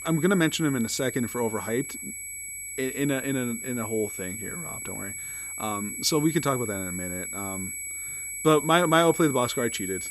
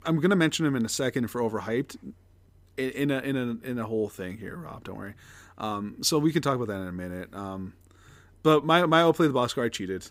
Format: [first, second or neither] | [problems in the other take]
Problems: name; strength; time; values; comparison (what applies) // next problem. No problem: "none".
second | high-pitched whine; loud; throughout; 2.5 kHz, 7 dB below the speech